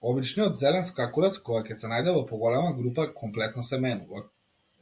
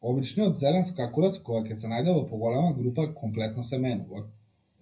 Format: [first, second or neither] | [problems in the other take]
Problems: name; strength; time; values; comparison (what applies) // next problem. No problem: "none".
first | room echo; dies away in 0.4 s